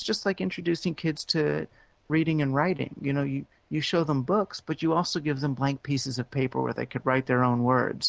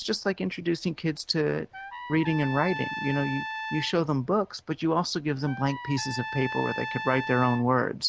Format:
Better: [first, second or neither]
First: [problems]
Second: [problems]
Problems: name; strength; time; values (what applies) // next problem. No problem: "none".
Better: first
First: none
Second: background sound (Trumpet); 9 dB below the speech